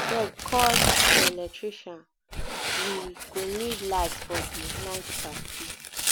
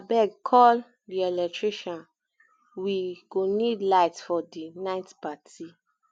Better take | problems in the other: second | background sound (Tearing); 4 dB above the speech

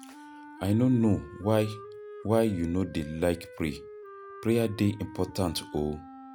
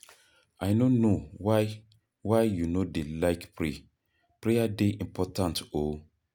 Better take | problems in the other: second | background sound (Wind instrument, woodwind instrument); 17 dB below the speech

